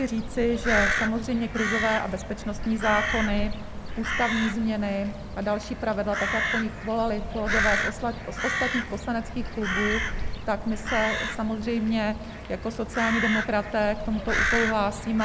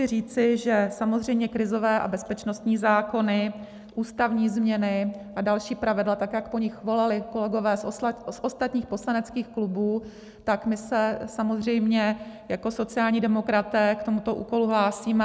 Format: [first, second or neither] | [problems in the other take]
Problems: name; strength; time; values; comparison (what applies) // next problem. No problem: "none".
second | background sound (Crow); 2 dB below the speech